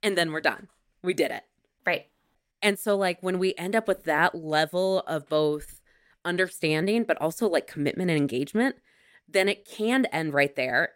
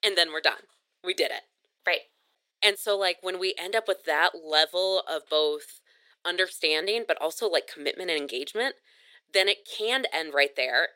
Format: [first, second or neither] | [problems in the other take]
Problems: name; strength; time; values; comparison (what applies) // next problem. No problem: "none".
first | thin; very; fading below 400 Hz